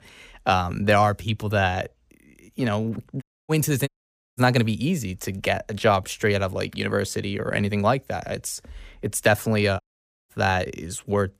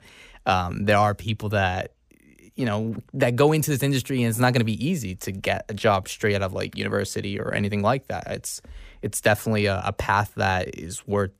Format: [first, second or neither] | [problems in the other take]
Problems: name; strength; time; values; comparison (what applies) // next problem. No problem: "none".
second | audio cutting out; at 3 s, at 4 s and at 10 s